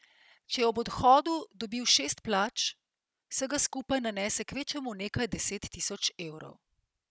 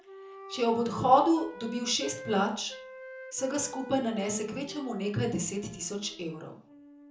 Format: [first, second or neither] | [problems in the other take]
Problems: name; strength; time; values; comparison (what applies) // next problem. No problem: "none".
first | background sound (Wind instrument, woodwind instrument); 16 dB below the speech // room echo; dies away in 0.7 s